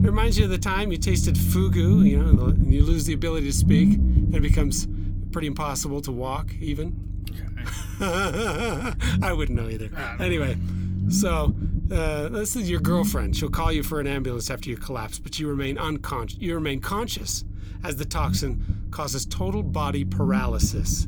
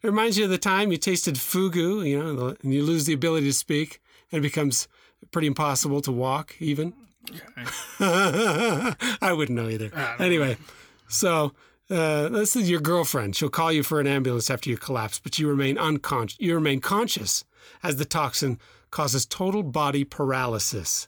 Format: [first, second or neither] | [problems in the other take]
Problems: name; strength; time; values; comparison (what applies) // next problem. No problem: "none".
second | low rumble; loud; throughout; 5 dB below the speech